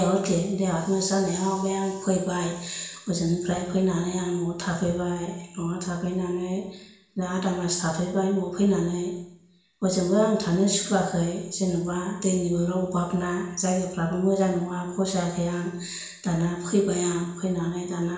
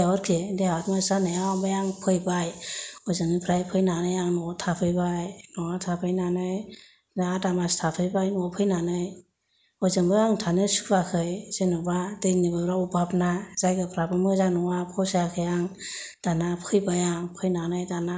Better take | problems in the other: second | room echo; dies away in 0.7 s

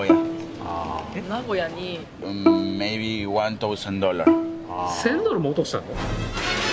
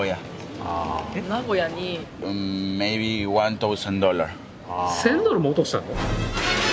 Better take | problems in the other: second | background sound (Bowed string instrument); as loud as the speech

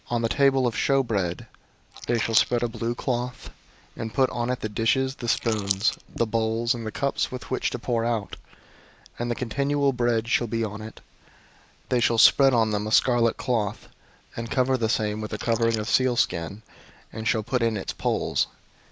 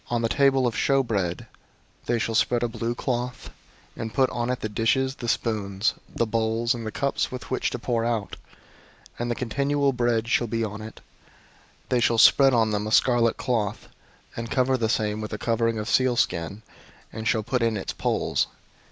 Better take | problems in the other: second | noise reduction (neural mask model Resemble Enhance denoiser)

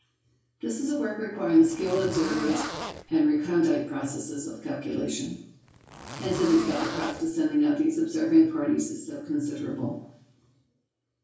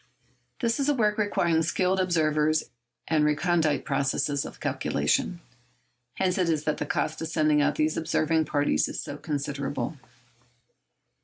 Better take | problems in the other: second | background sound (Zipper (clothing)); 9 dB below the speech // room echo; dies away in 0.6 s

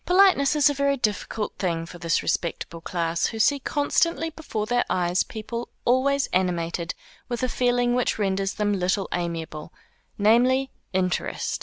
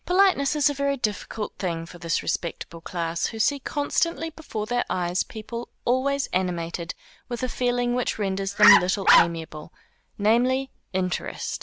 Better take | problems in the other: first | background sound (Bark); 5 dB above the speech

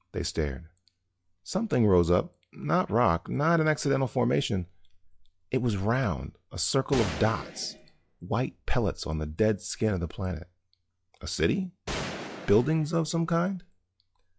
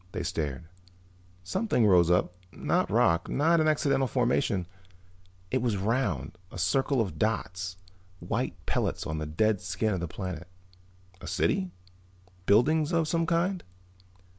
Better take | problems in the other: second | noise reduction (classical method log-MMSE)

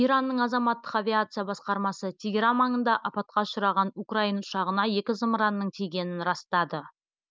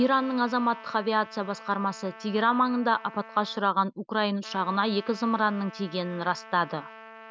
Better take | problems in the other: first | background sound (Trumpet); 19 dB below the speech

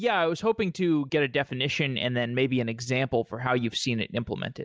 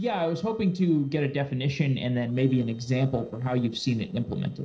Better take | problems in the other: first | noise reduction (neural separator model SepFormer DNS4)

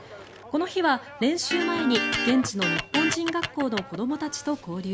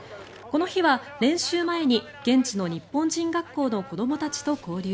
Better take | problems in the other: second | background sound (Electric guitar); 2 dB below the speech

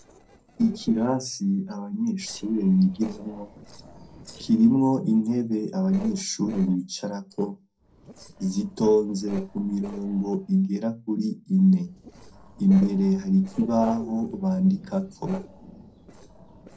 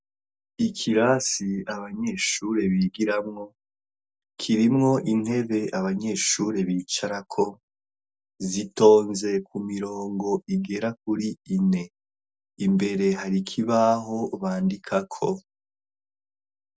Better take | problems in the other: second | noise reduction (neural separator model SepFormer DNS4)

